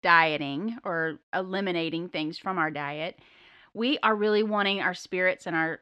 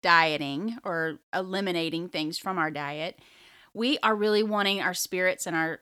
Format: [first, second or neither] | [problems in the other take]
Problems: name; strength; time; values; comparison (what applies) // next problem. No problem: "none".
second | muffled; slightly; fading above 2.5 kHz